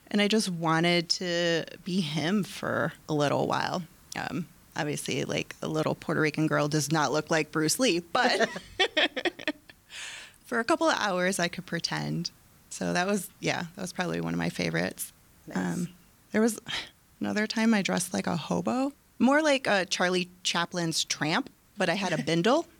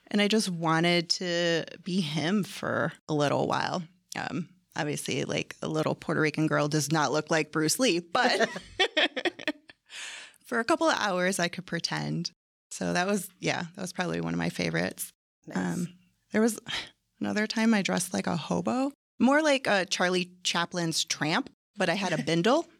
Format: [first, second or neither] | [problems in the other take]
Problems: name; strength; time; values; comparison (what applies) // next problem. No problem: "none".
second | hiss; faint; throughout; 30 dB below the speech